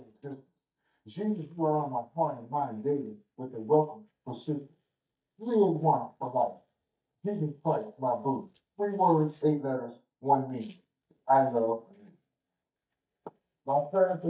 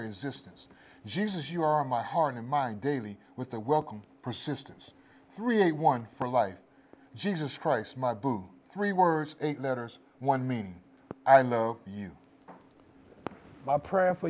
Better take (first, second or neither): second